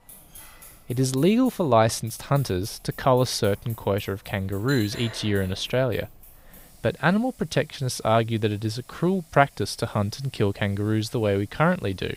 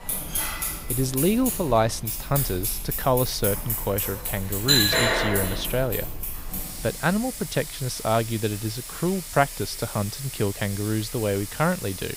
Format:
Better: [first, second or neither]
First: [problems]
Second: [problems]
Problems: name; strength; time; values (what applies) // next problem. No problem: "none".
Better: first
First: household noises; faint; throughout; 20 dB below the speech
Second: household noises; loud; throughout; 2 dB below the speech